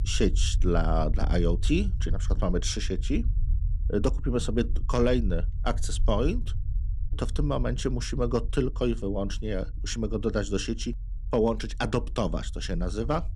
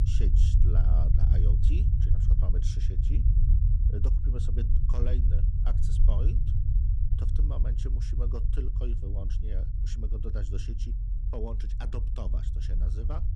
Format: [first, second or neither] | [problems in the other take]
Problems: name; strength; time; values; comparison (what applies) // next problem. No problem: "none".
first | low rumble; loud; throughout; as loud as the speech; faint in the first